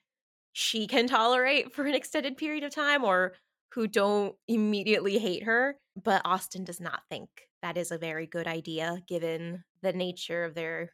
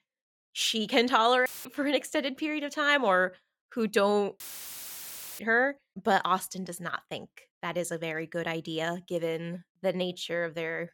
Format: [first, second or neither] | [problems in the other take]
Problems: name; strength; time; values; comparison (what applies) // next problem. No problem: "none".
first | audio cutting out; filled with static; at 1.5 s and at 4.5 s for 1 s